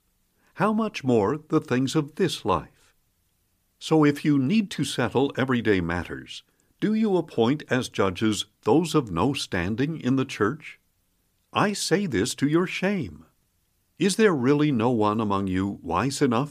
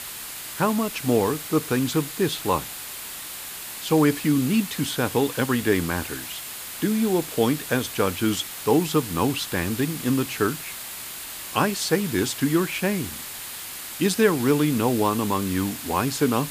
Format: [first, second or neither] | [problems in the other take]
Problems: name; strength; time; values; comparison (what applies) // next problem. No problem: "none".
first | hiss; loud; throughout; 9 dB below the speech